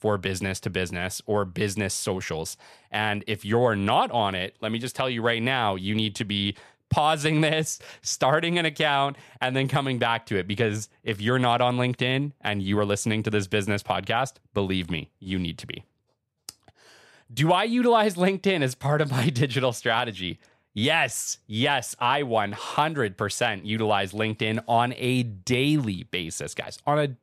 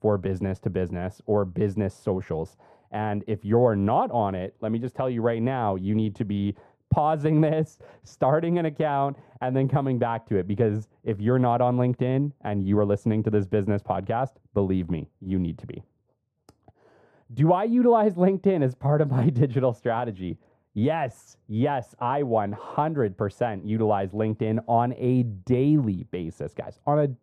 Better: first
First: none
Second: muffled; very; fading above 1.5 kHz

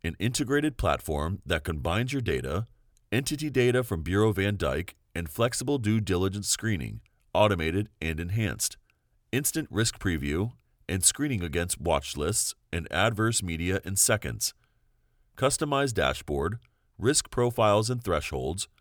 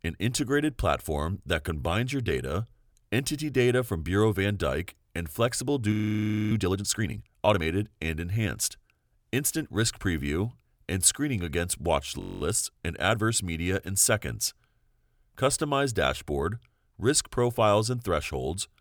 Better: first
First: none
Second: audio freezing; at 6 s for 0.5 s and at 12 s

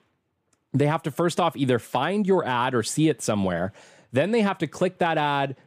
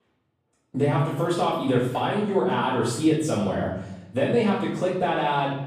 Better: first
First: none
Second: off-mic speech; far // room echo; noticeable; dies away in 0.8 s

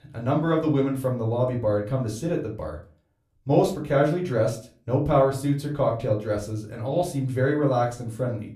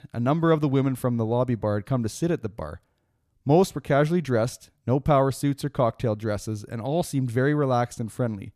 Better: second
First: off-mic speech; far // room echo; very slight; dies away in 0.3 s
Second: none

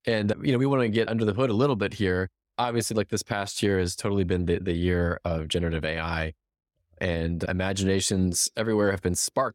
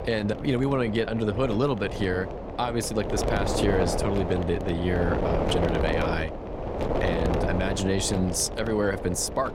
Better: first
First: none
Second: wind noise on the microphone; heavy; 2 dB below the speech

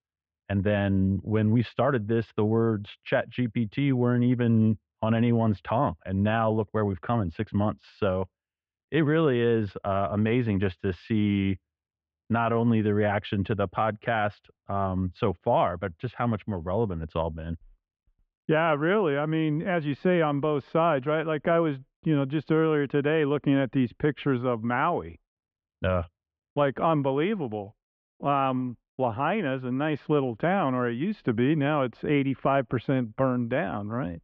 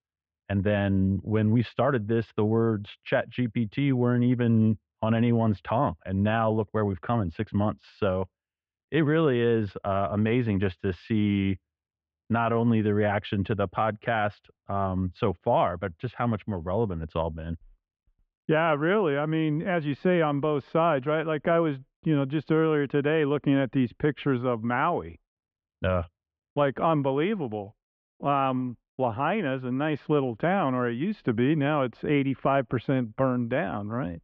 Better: neither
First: muffled; very; fading above 3 kHz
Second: muffled; very; fading above 3 kHz

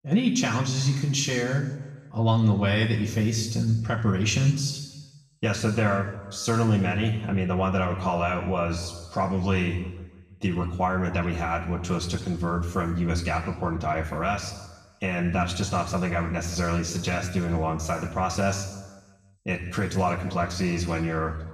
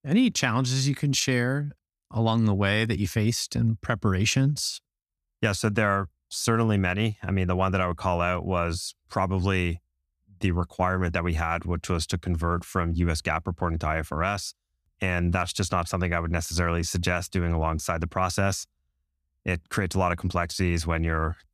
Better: second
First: room echo; noticeable; dies away in 1.1 s // off-mic speech; far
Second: none

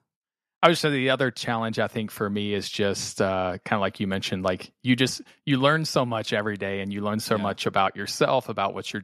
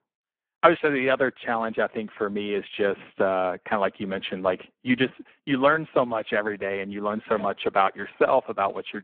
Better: first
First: none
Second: phone-call audio; poor line

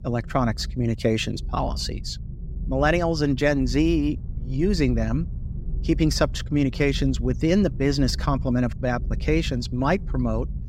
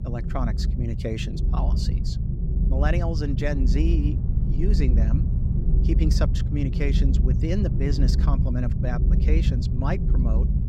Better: first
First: low rumble; faint; throughout; 20 dB below the speech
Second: low rumble; loud; throughout; 4 dB below the speech

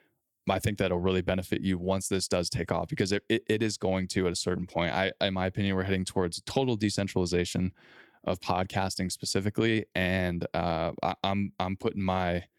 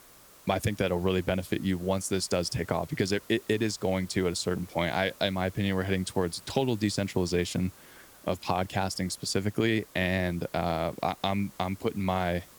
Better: first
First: none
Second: hiss; faint; throughout; 20 dB below the speech

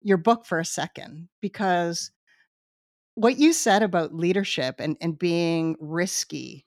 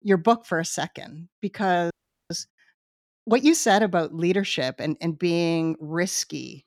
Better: first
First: none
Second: audio freezing; at 2 s

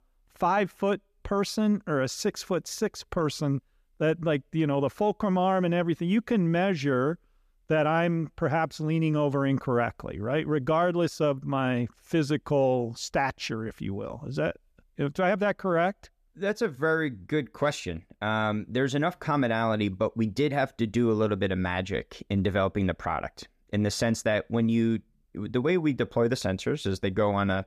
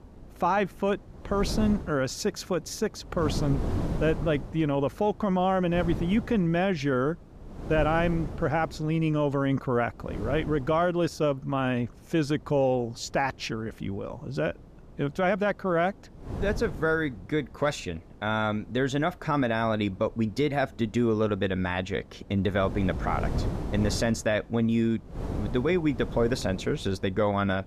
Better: first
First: none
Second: wind noise on the microphone; occasional gusts; 15 dB below the speech

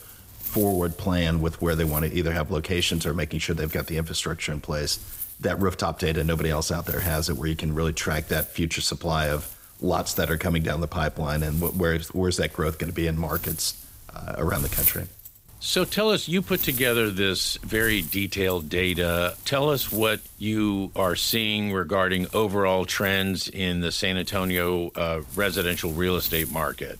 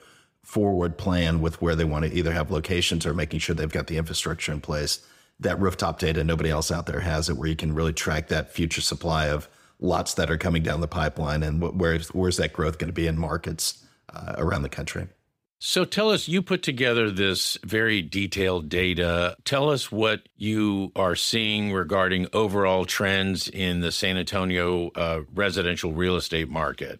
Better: second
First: wind noise on the microphone; occasional gusts; 15 dB below the speech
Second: none

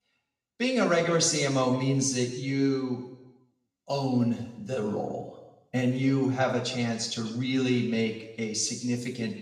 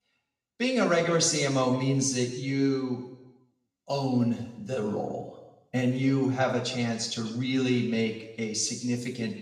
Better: neither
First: room echo; noticeable; dies away in 1 s // off-mic speech; far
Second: room echo; noticeable; dies away in 1 s // off-mic speech; far

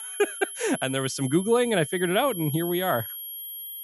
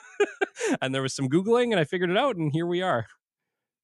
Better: second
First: high-pitched whine; loud; throughout; 11 kHz, 9 dB below the speech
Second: none

